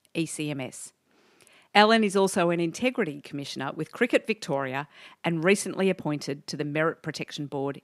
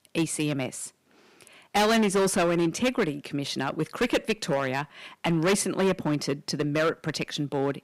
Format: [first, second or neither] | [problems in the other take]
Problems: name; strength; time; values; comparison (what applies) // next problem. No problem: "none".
first | distortion; heavy; 9% of the sound clipped